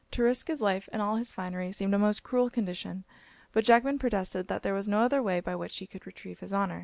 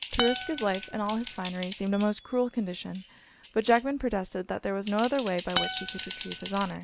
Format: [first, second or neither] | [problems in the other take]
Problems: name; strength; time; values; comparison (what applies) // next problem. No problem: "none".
first | background sound (Typing + Acoustic guitar); 9 dB below the speech